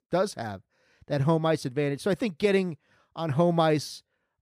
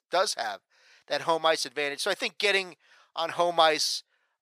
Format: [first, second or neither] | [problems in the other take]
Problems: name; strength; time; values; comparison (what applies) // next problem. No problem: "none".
first | thin; very; fading below 750 Hz